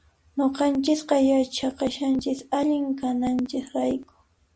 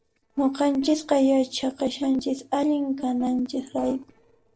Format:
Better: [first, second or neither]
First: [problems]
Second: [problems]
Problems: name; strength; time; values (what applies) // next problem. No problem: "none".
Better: first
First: none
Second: noise reduction (neural separator model SepFormer DNS4)